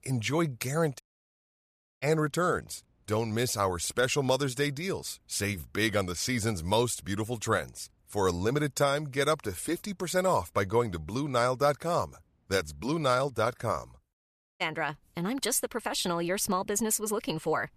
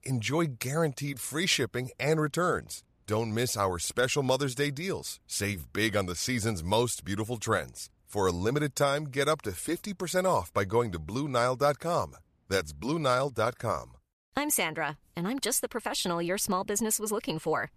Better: second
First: audio cutting out; at 1 s for 1 s and at 14 s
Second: none

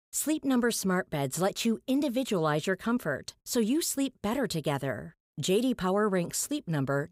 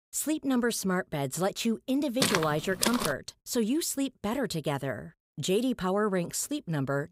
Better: first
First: none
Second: footsteps; loud; at 2 s; peak 2 dB above the speech

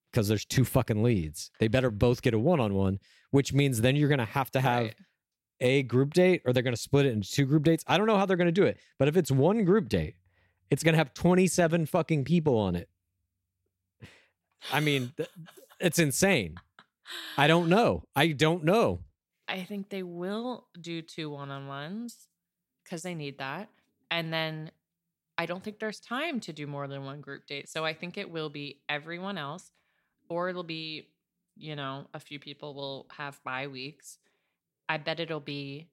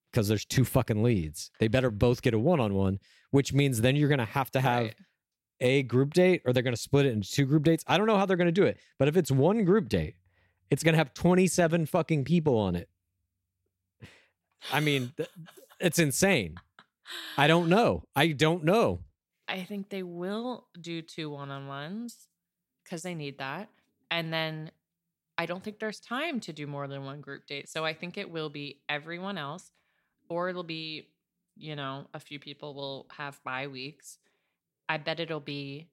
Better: neither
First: none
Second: none

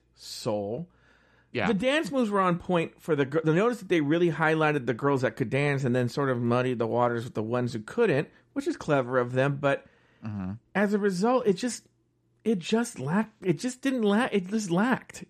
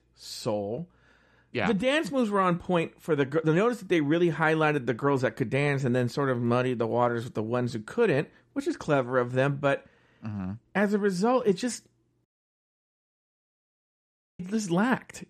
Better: first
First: none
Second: audio cutting out; at 12 s for 2 s

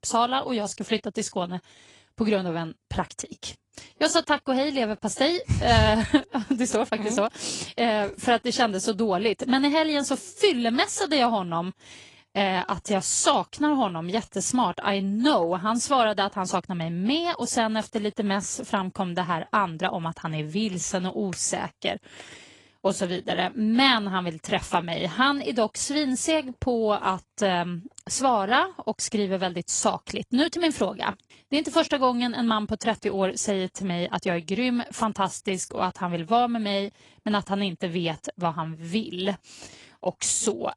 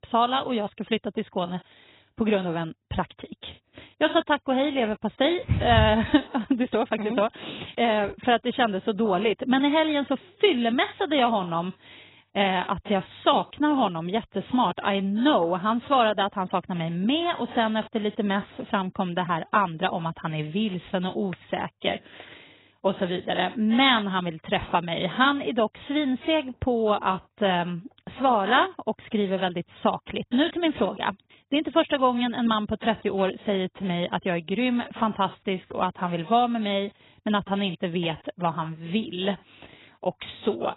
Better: first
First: garbled, watery; slightly; nothing above 10 kHz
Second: garbled, watery; badly; nothing above 4 kHz

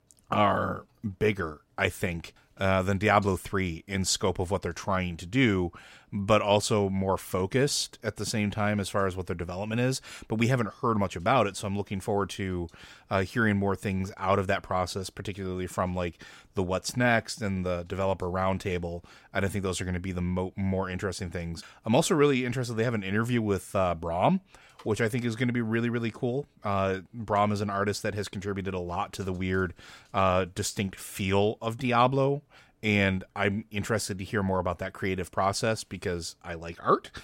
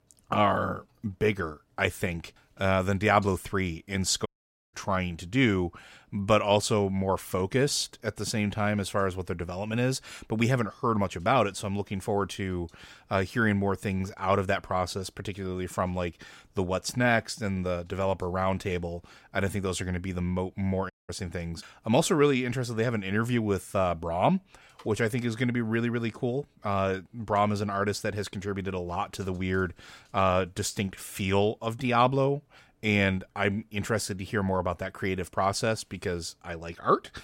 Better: first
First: none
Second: audio cutting out; at 4.5 s and at 21 s

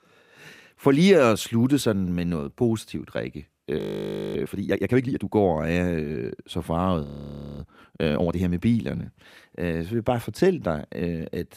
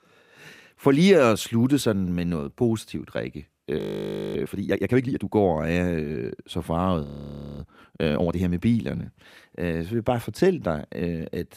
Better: neither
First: audio freezing; at 4 s for 0.5 s and at 7 s for 0.5 s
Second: audio freezing; at 4 s for 0.5 s and at 7 s for 0.5 s

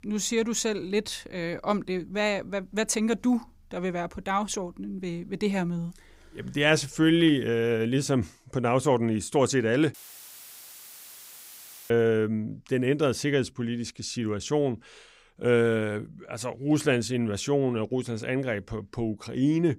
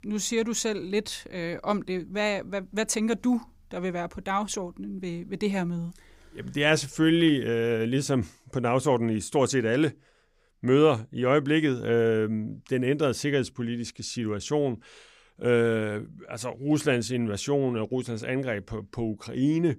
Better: second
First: audio cutting out; filled with static; at 10 s for 2 s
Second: none

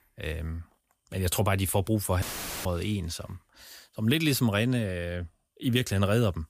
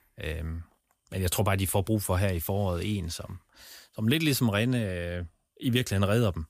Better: second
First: audio cutting out; filled with static; at 2 s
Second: none

